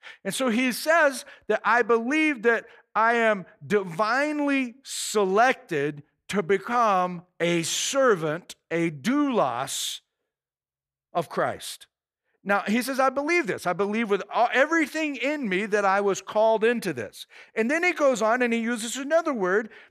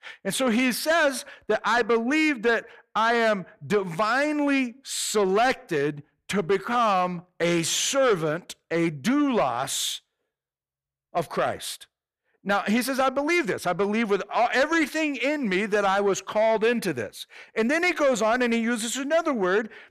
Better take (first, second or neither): first